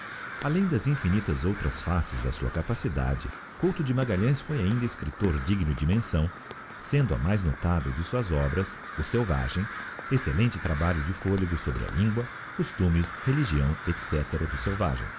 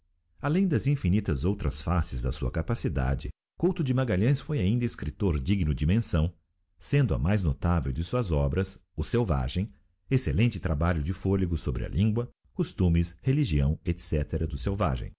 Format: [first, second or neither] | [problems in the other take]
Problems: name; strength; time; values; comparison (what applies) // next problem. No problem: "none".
second | background sound (Crow); 12 dB below the speech